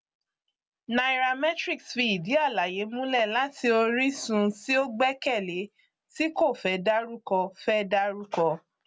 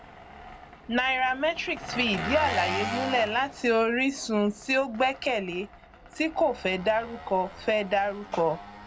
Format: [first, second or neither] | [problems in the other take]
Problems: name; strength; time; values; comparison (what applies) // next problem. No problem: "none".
first | background sound (Engine); 10 dB below the speech